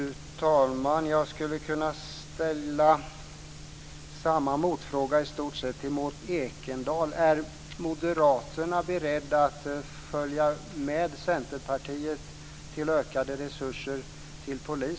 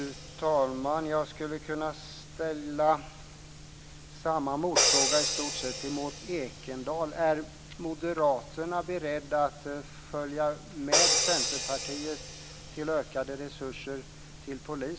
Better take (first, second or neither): first